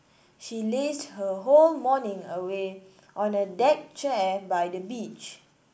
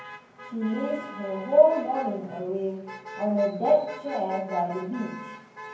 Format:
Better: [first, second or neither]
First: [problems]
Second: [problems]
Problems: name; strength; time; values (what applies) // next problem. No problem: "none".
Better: first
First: none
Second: background sound (Motor vehicle (road)); 15 dB below the speech // room echo; dies away in 0.9 s